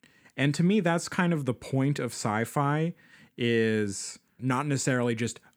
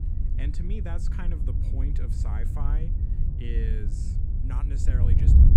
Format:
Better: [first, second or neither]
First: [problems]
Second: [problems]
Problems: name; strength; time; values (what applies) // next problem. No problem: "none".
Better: first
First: none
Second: wind noise on the microphone; heavy; as loud as the speech